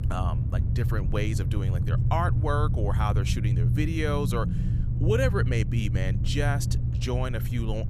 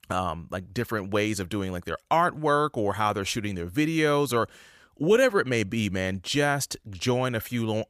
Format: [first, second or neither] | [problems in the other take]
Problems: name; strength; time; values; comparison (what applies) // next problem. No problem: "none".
second | low rumble; loud; throughout; 8 dB below the speech